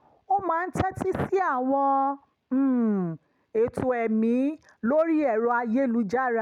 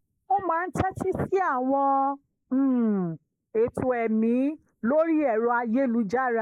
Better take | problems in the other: first | noise reduction (neural mask model Resemble Enhance denoiser)

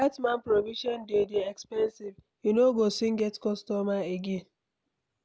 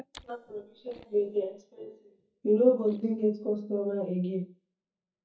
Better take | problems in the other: first | noise reduction (neural mask model DeepFilterNet 3)

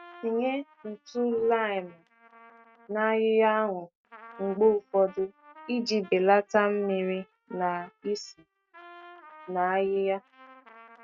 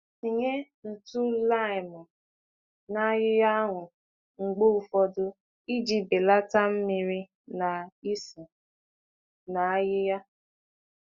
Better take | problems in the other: second | noise reduction (neural mask model RNNoise)

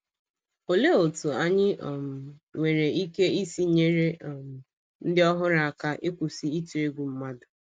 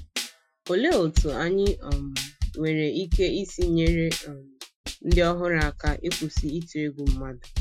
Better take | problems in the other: first | noise reduction (classical method Wiener filter)

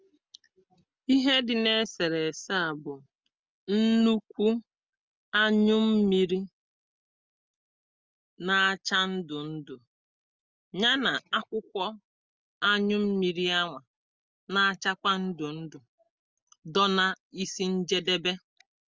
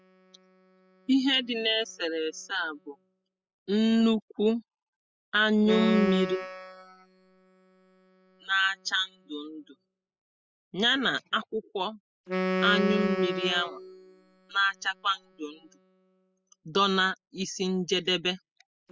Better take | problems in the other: first | noise reduction (classical method spectral subtraction)

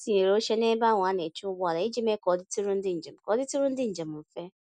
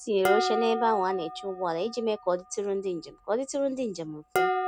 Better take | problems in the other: first | background sound (Dishes, pots, and pans); 4 dB below the speech

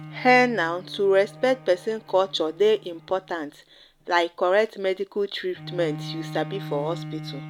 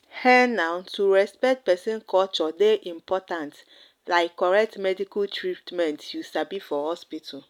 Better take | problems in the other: second | background sound (Bowed string instrument); 15 dB below the speech

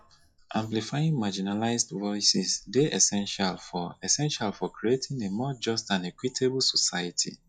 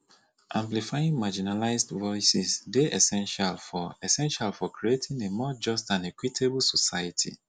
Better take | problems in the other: second | noise reduction (classical method log-MMSE)

